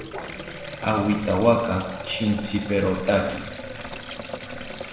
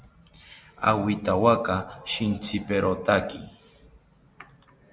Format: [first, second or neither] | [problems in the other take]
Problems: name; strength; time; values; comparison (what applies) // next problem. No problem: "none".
second | background sound (Sink (filling or washing)); 10 dB below the speech // room echo; dies away in 1 s